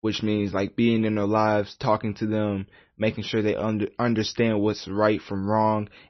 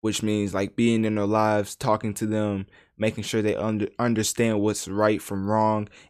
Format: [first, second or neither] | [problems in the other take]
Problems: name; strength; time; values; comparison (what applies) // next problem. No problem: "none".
second | garbled, watery; slightly; nothing above 6 kHz